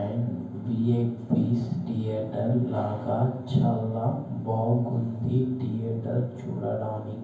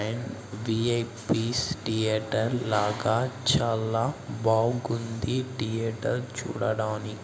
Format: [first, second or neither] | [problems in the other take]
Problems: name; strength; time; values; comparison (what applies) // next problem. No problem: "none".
second | room echo; dies away in 0.9 s